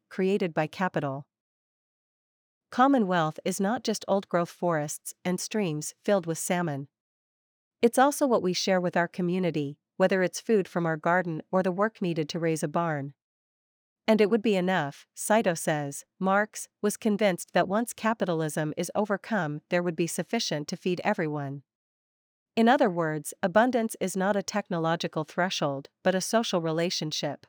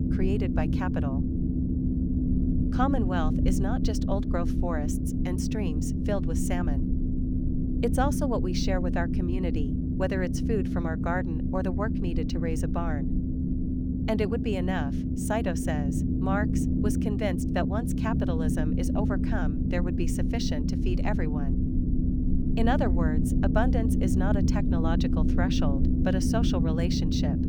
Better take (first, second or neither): first